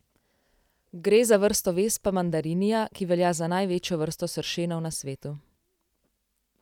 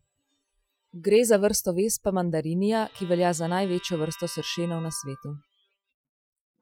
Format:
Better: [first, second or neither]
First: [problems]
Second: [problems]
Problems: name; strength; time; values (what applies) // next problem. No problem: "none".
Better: first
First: none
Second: noise reduction (classical method Wiener filter)